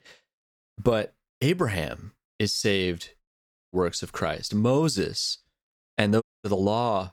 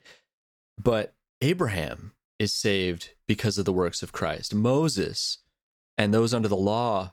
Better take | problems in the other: second | audio cutting out; at 3 s for 0.5 s and at 6 s

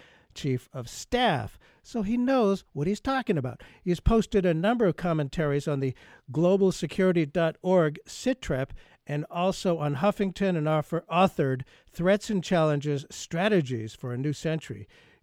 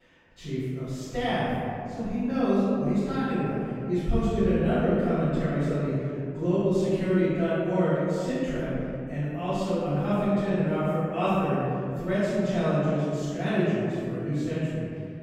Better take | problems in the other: first | off-mic speech; far // room echo; strong; dies away in 2.6 s

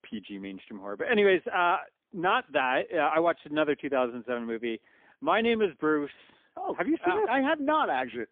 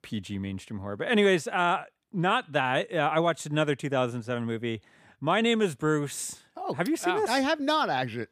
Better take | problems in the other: second | phone-call audio; poor line; nothing above 3.5 kHz

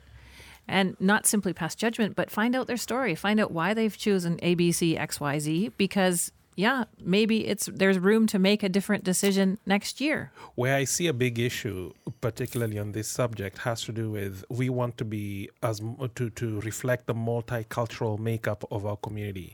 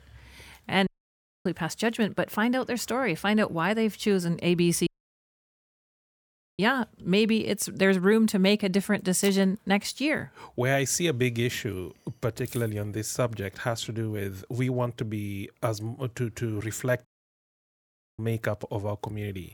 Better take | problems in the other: first | audio cutting out; at 1 s for 0.5 s, at 5 s for 1.5 s and at 17 s for 1 s

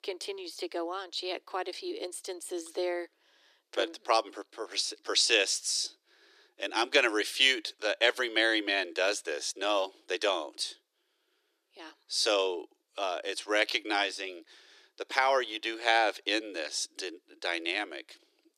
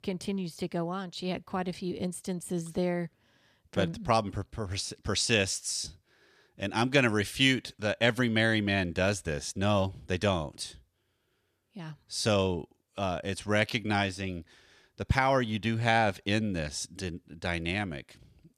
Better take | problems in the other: second | thin; very; fading below 300 Hz

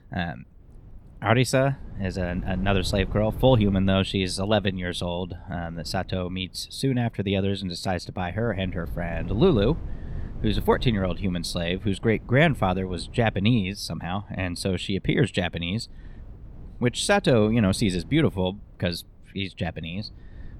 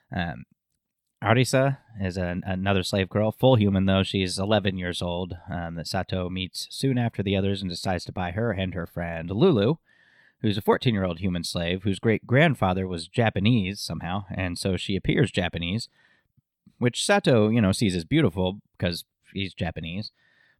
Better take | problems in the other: second | wind noise on the microphone; occasional gusts; 25 dB below the speech

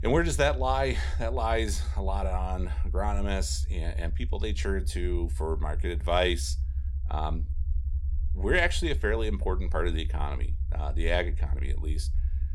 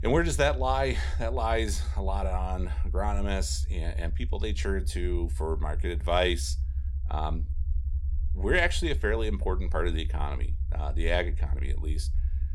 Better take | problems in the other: neither | low rumble; faint; throughout; 20 dB below the speech; the same in both

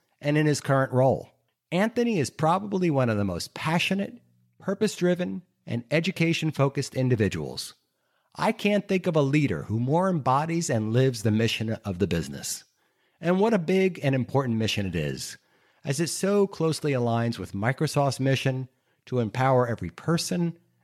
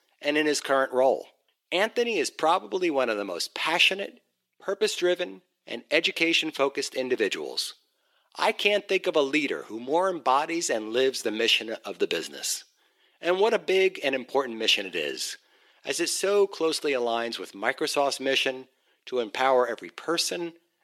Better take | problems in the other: first | thin; somewhat; fading below 350 Hz

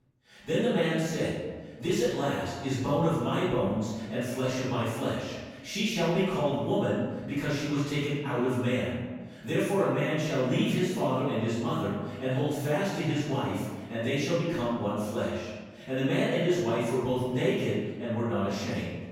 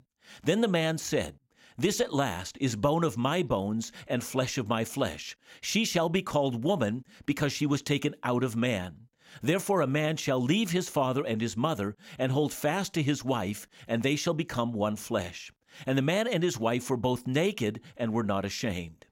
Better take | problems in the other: second | room echo; strong; dies away in 1.3 s // off-mic speech; far

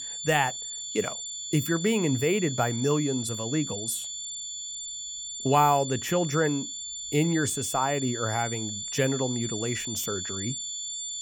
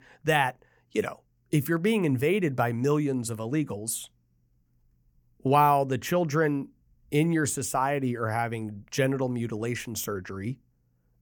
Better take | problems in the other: second | high-pitched whine; loud; throughout; 7 kHz, 5 dB below the speech

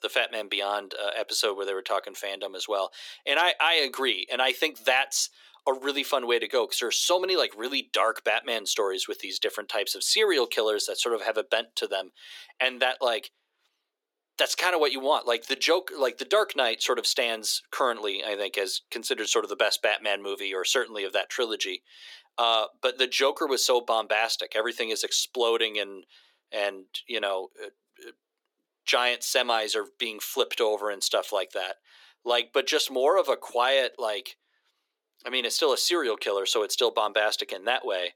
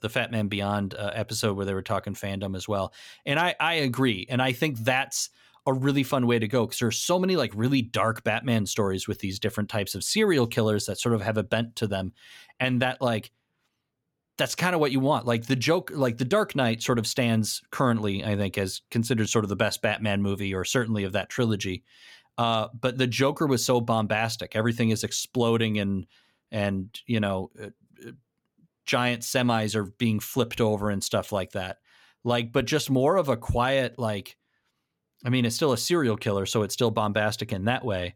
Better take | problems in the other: second | thin; very; fading below 350 Hz

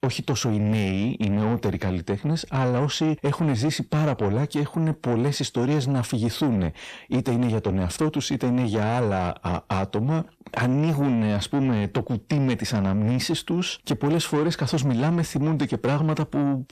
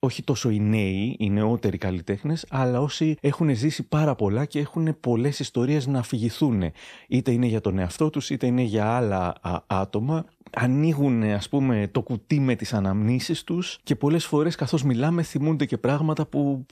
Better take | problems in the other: second | distortion; slight; 10 dB below the speech

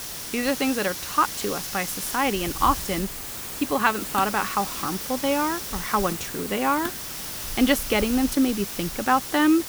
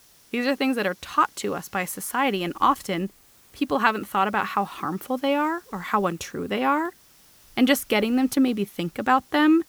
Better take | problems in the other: second | hiss; loud; throughout; 6 dB below the speech; faint in the second

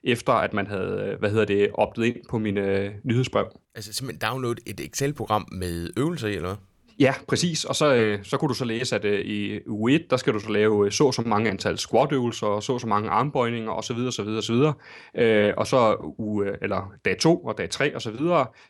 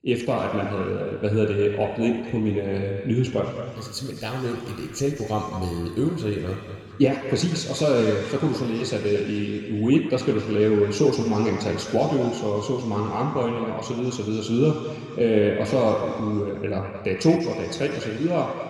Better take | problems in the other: first | room echo; noticeable; dies away in 2.3 s // off-mic speech; somewhat distant

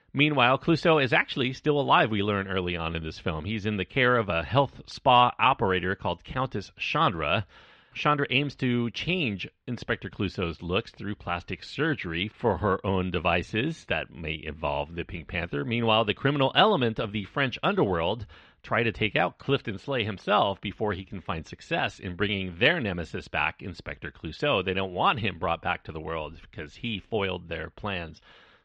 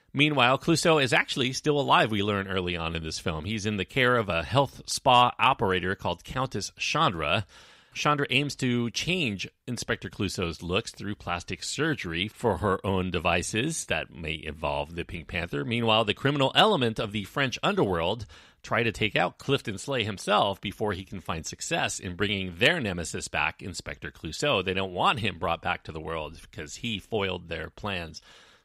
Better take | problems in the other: second | muffled; slightly; fading above 3.5 kHz

